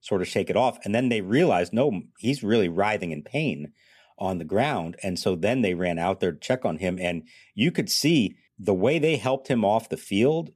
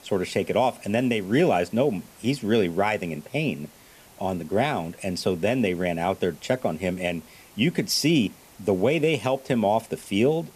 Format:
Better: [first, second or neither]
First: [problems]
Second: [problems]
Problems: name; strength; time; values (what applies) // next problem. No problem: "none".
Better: first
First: none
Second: hiss; faint; throughout; 25 dB below the speech